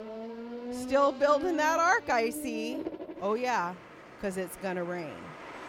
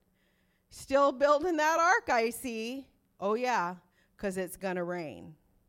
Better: second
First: traffic noise; noticeable; throughout; 10 dB below the speech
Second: none

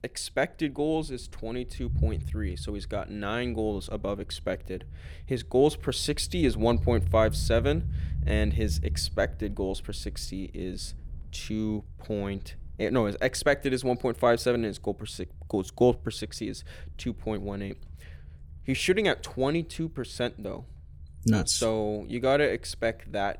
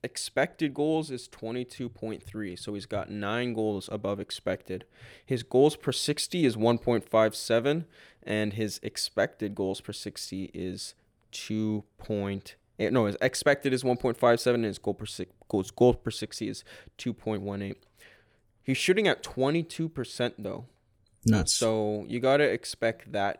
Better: second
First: low rumble; faint; throughout; 25 dB below the speech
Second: none

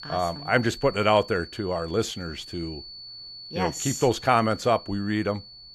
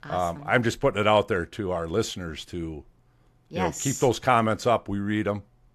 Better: second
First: high-pitched whine; noticeable; throughout; 4.5 kHz, 15 dB below the speech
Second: none

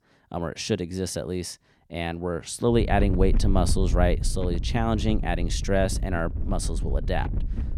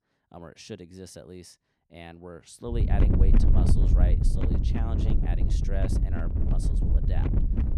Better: first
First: wind noise on the microphone; occasional gusts; from 3 s on; 15 dB below the speech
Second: wind noise on the microphone; heavy; from 3 s on; 3 dB above the speech

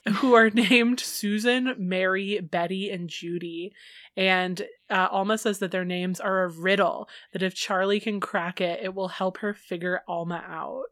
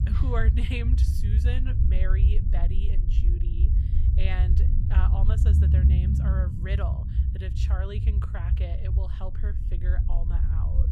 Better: first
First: none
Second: low rumble; loud; throughout; 2 dB below the speech

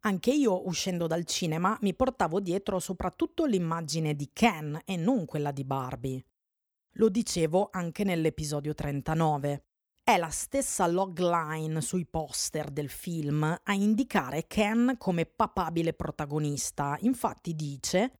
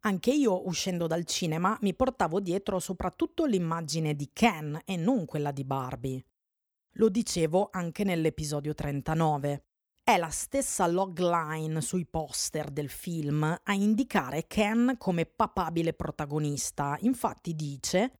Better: neither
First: none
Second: none

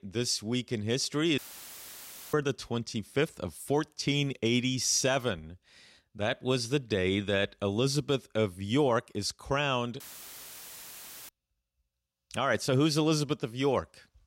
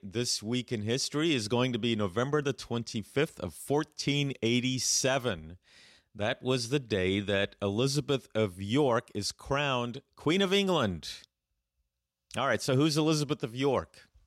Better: second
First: audio cutting out; filled with static; at 1.5 s for 1 s and at 10 s for 1.5 s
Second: none

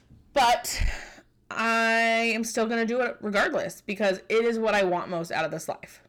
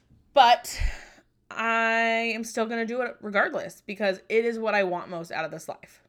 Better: second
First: distortion; heavy; 7 dB below the speech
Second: none

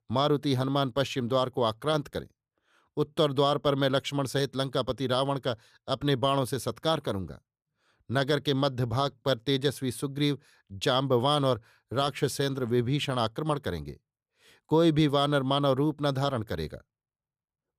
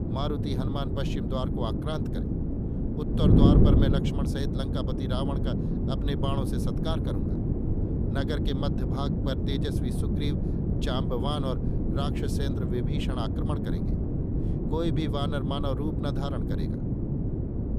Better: first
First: none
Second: wind noise on the microphone; heavy; 1 dB below the speech

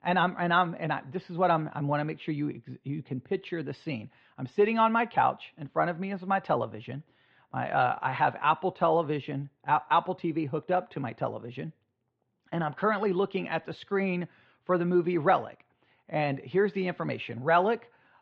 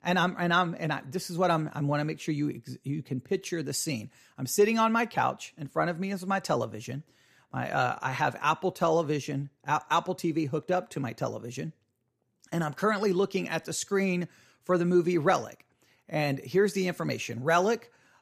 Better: second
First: muffled; very; fading above 3.5 kHz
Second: none

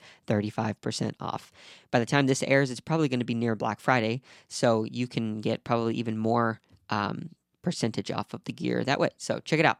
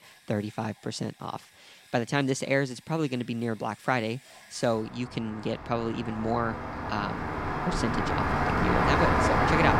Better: first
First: none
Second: rain or running water; very loud; throughout; 3 dB above the speech

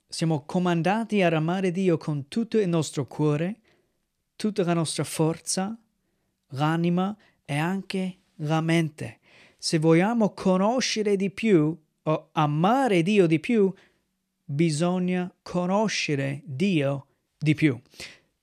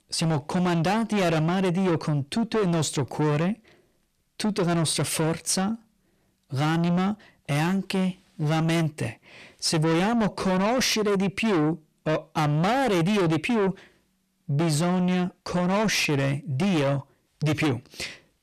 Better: first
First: none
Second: distortion; heavy; 6 dB below the speech

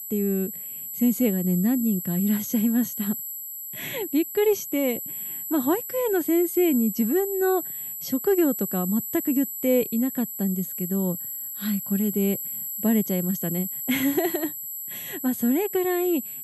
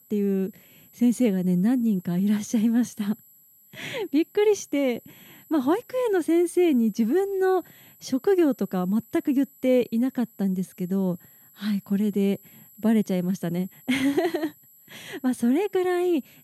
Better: second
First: high-pitched whine; loud; throughout; 12 kHz, 6 dB below the speech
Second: high-pitched whine; faint; throughout; 12 kHz, 25 dB below the speech

